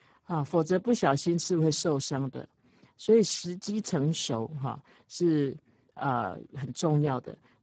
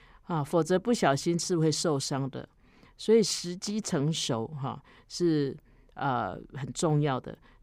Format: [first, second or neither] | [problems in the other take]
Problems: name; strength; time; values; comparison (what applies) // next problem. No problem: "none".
second | garbled, watery; badly; nothing above 7.5 kHz